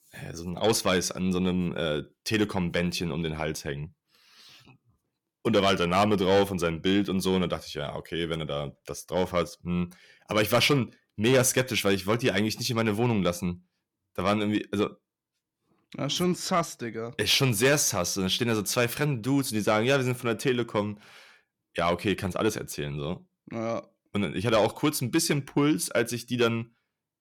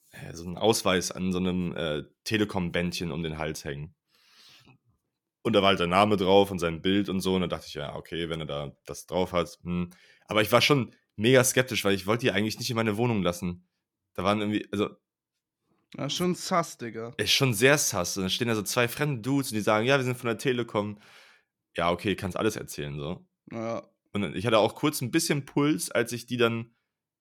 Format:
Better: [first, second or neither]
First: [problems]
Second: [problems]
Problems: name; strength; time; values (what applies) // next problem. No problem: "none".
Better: second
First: distortion; slight; 10 dB below the speech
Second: none